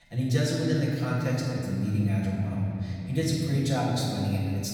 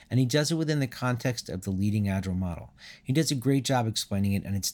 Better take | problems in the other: second | off-mic speech; far // room echo; strong; dies away in 3 s

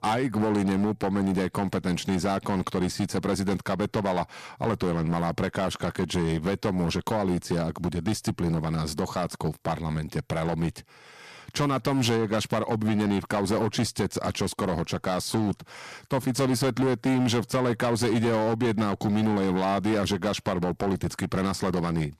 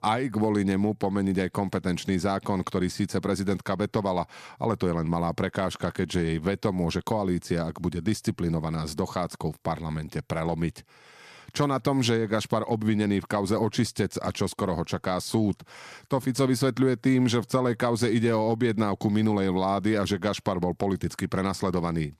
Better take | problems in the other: second | distortion; slight; 13% of the sound clipped

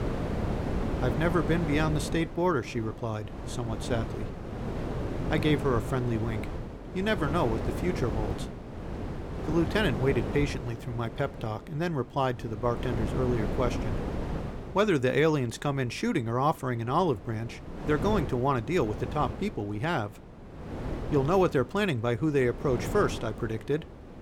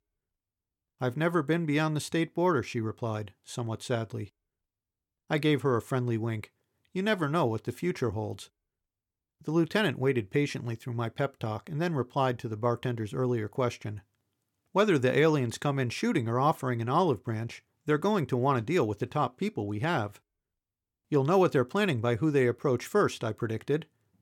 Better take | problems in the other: second | wind noise on the microphone; heavy; 9 dB below the speech

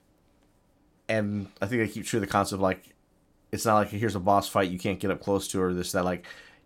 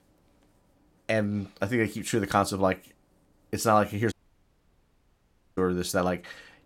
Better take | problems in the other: first | audio cutting out; at 4 s for 1.5 s

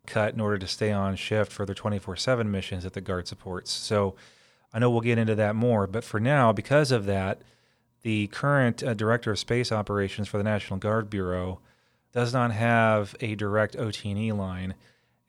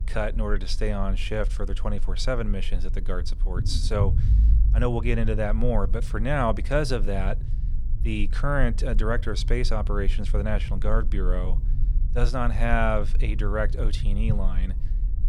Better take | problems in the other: first | low rumble; noticeable; throughout; 15 dB below the speech

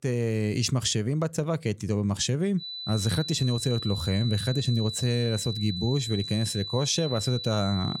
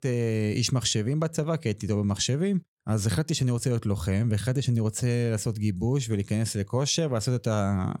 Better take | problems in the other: second | high-pitched whine; loud; from 2.5 s on; 4 kHz, 7 dB below the speech

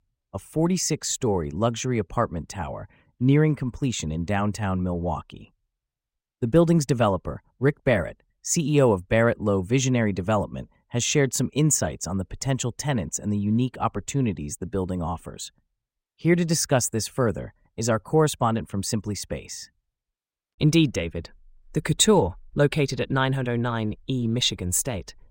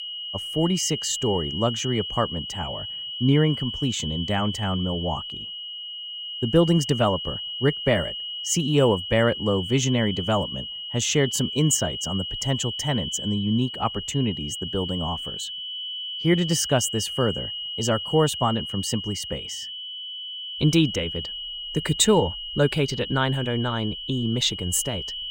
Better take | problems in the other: first | high-pitched whine; loud; throughout; 3 kHz, 6 dB below the speech

